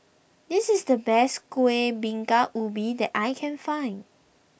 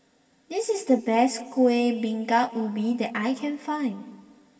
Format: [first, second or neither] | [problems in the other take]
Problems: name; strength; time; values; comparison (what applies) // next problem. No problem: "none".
first | room echo; dies away in 2.7 s